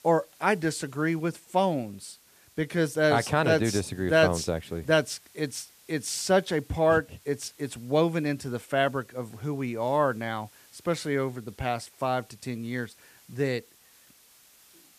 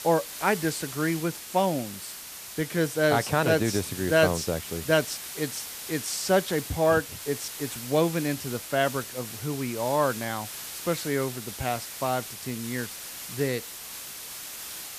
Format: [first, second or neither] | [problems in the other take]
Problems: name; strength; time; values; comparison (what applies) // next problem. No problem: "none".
first | hiss; loud; throughout; 9 dB below the speech; faint in the first